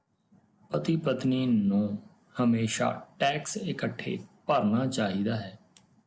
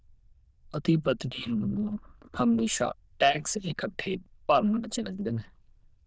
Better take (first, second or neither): first